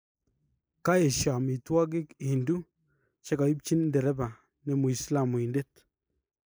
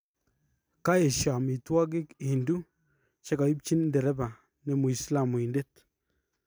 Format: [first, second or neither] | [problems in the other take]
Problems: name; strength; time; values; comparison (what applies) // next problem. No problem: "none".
second | noise reduction (neural mask model Resemble Enhance denoiser)